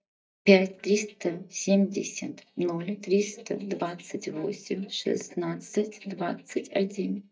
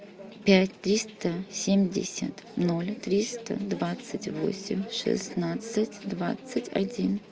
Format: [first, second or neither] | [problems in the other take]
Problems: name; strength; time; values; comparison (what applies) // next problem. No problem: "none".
second | noise reduction (neural mask model DeepFilterNet 3)